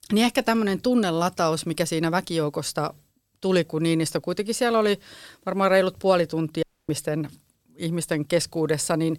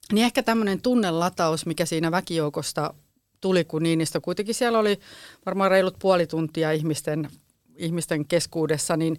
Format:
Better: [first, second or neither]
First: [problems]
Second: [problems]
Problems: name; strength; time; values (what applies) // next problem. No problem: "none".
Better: second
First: audio cutting out; at 6.5 s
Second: none